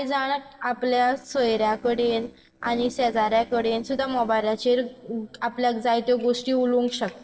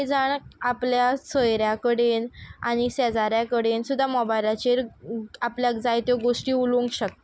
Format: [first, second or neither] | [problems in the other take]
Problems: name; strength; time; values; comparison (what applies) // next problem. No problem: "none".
second | noise reduction (neural separator model SepFormer DNS4)